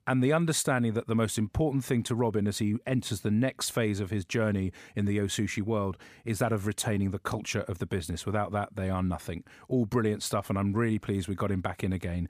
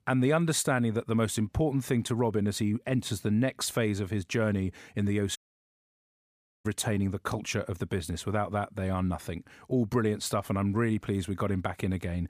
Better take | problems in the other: first | audio cutting out; at 5.5 s for 1.5 s

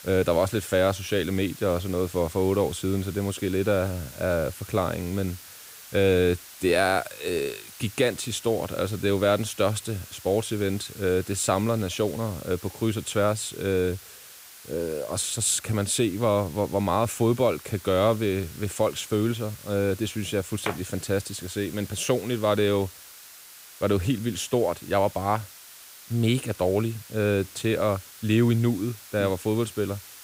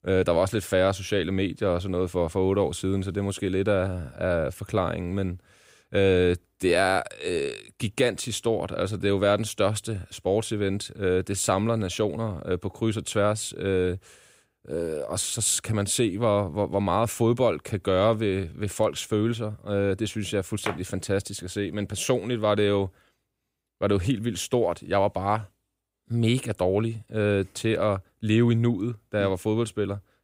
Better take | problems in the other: second | hiss; noticeable; throughout; 15 dB below the speech

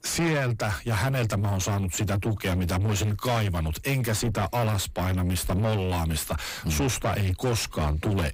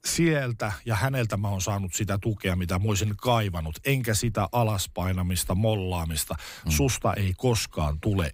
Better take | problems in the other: second | distortion; heavy; 7 dB below the speech

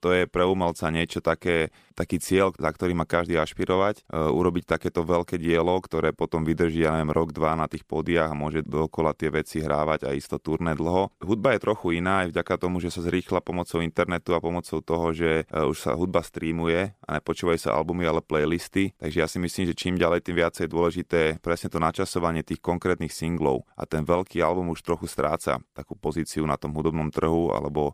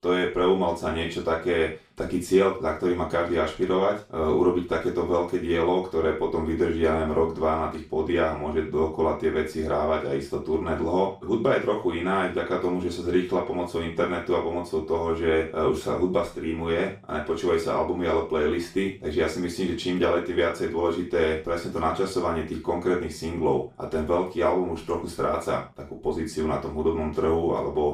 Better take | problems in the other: first | room echo; noticeable; dies away in 0.3 s // off-mic speech; far

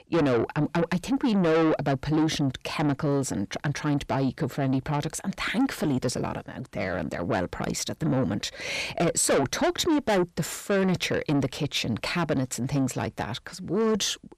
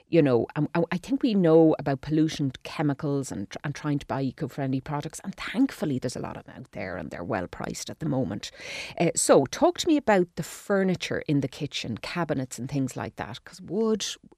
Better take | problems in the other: second | distortion; heavy; 6 dB below the speech

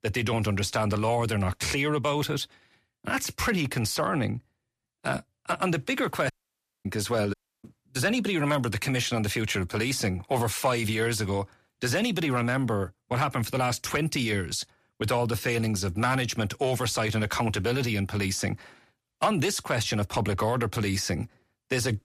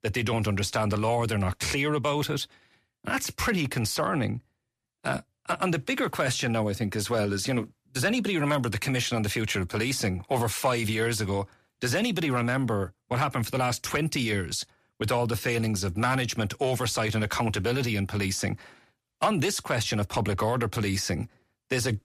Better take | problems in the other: second | audio cutting out; at 6.5 s for 0.5 s and at 7.5 s

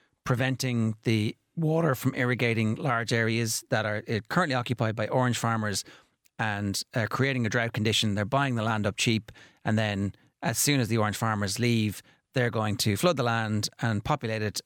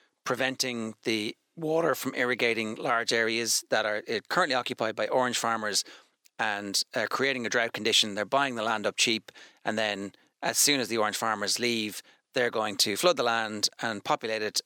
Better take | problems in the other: first | thin; somewhat; fading below 400 Hz

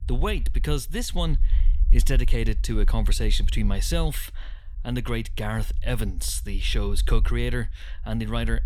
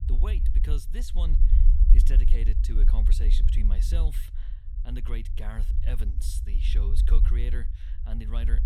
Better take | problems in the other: first | low rumble; loud; throughout; 4 dB below the speech; faint in the first

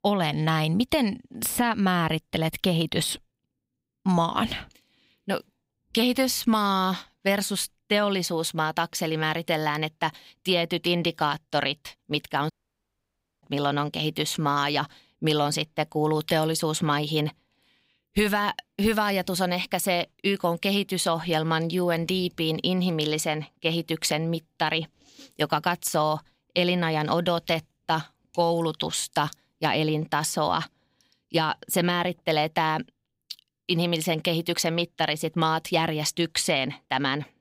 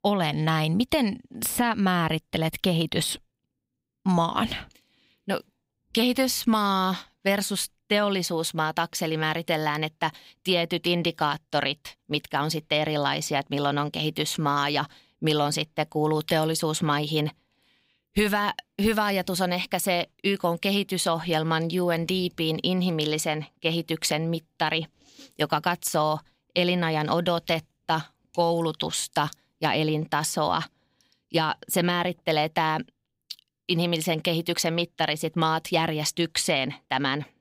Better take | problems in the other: second | audio cutting out; at 13 s for 1 s

